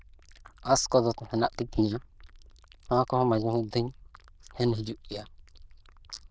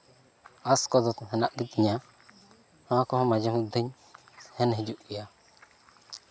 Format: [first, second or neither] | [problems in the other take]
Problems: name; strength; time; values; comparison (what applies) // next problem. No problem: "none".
second | noise reduction (neural diffusion model UNIVERSE++)